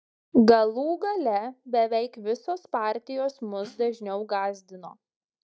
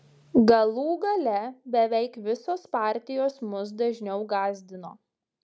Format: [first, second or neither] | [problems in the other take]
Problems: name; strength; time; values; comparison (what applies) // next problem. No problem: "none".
second | noise reduction (neural mask model DeepFilterNet 3)